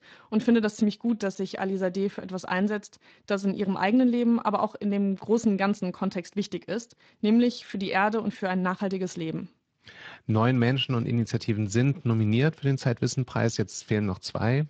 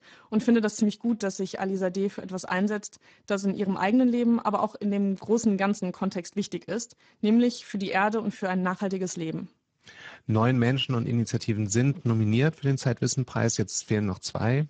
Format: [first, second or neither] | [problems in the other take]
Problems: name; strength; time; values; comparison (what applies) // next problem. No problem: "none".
first | garbled, watery; badly; nothing above 7.5 kHz; slightly in the first